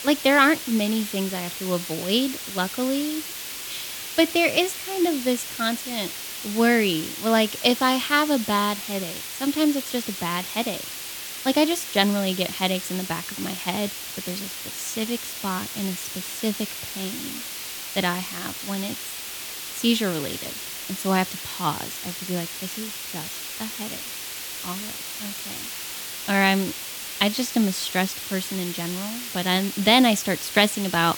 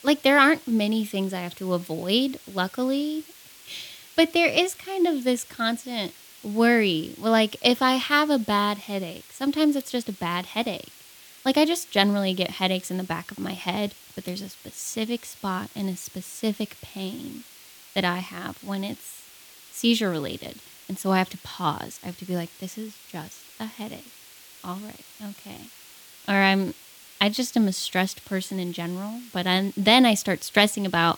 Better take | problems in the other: second | hiss; loud; throughout; 7 dB below the speech; faint in the second

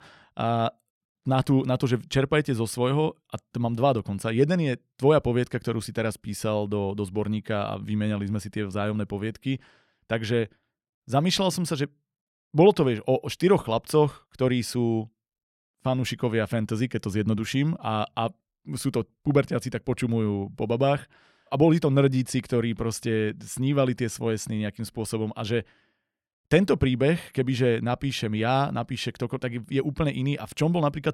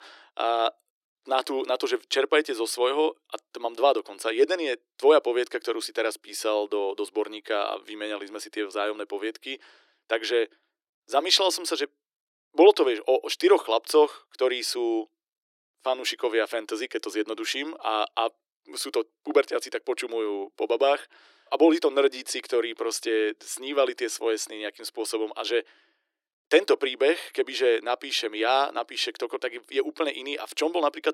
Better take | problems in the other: first | thin; very; fading below 300 Hz

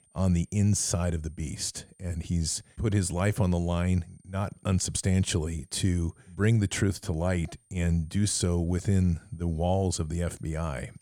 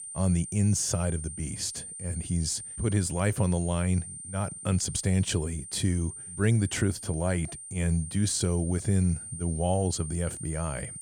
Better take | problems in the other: first | high-pitched whine; loud; throughout; 9 kHz, 10 dB below the speech; faint in the first

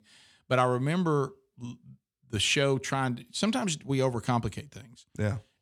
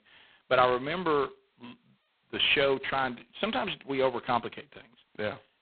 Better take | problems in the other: first | phone-call audio; poor line

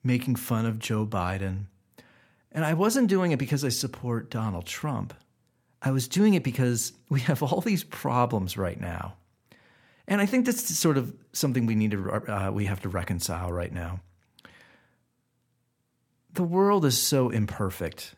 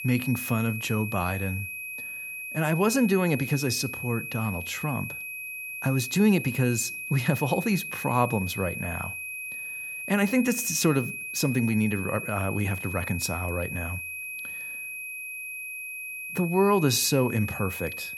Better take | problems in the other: first | high-pitched whine; loud; throughout; 2.5 kHz, 7 dB below the speech

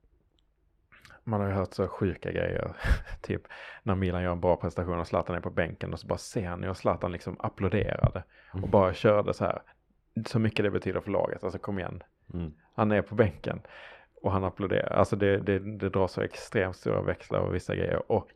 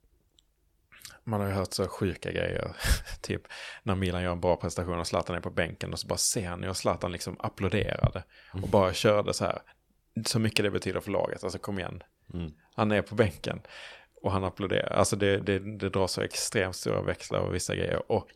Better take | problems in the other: second | muffled; very; fading above 3.5 kHz

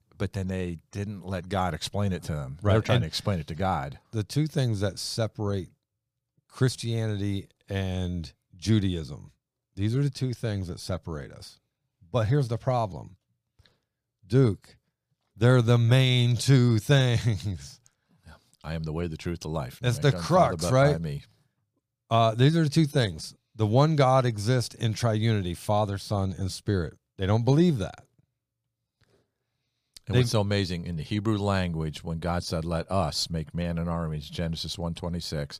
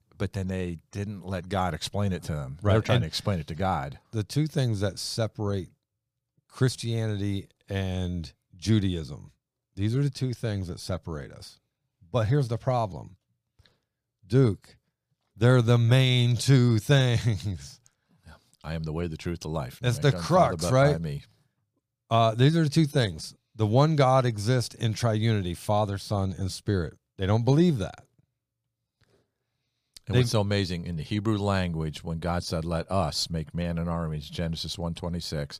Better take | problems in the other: neither | none

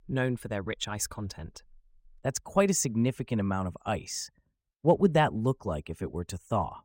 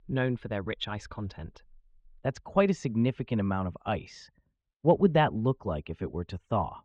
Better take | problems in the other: first | muffled; very; fading above 3.5 kHz

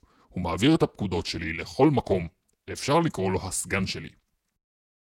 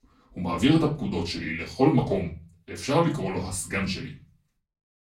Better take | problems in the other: first | off-mic speech; far // room echo; very slight; dies away in 0.3 s

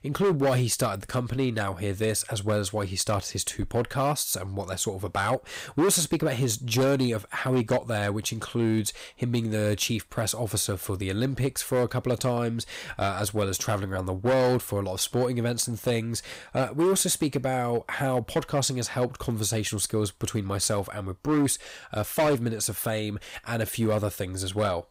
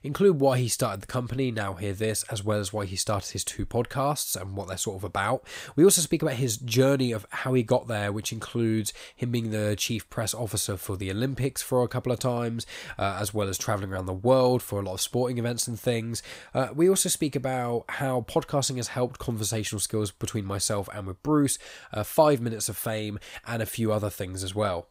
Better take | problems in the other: second | distortion; slight; 6% of the sound clipped

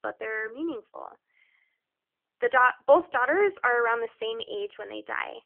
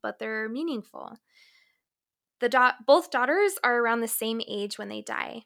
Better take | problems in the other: second | phone-call audio; poor line; nothing above 3 kHz

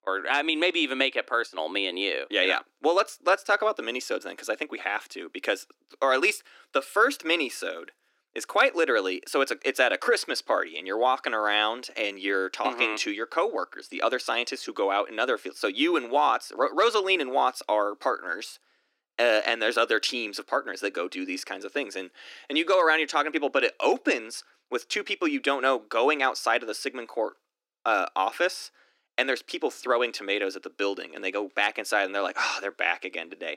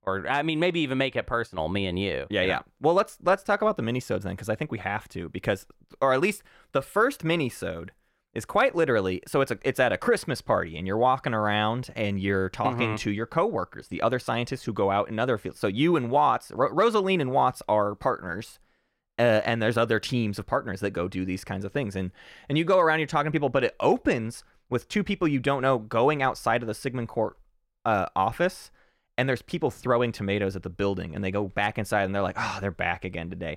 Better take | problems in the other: second | thin; somewhat; fading below 300 Hz

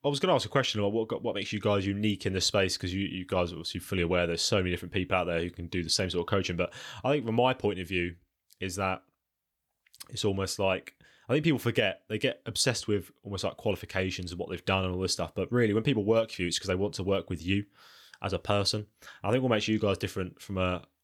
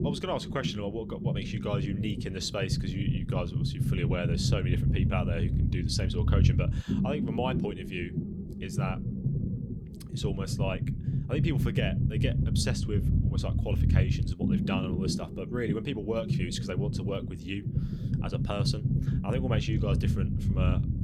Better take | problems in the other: first | low rumble; loud; throughout; 4 dB below the speech

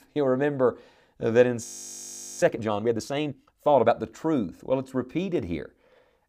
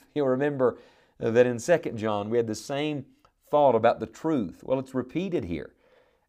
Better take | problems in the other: second | audio freezing; at 1.5 s for 1 s

